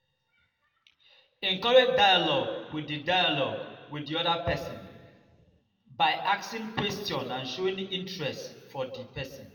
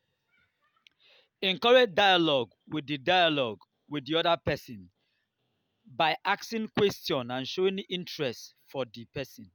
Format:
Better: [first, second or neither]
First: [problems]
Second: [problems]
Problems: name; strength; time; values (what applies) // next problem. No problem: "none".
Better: second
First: room echo; dies away in 1.4 s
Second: none